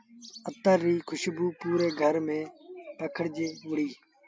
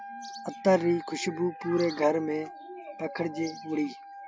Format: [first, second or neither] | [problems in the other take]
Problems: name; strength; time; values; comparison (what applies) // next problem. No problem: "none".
first | background sound (Wind instrument, woodwind instrument); 15 dB below the speech